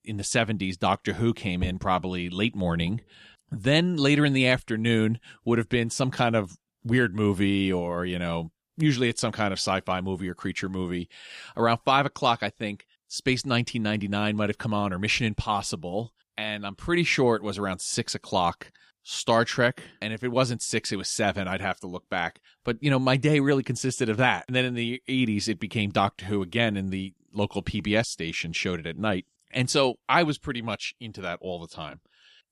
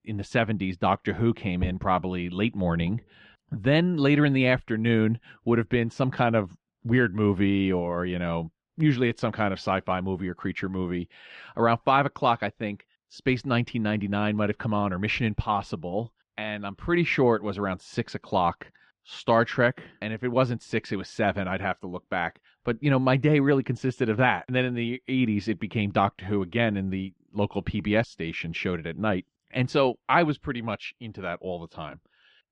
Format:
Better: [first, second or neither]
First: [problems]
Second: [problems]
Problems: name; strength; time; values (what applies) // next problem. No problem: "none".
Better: first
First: none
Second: muffled; slightly; fading above 2.5 kHz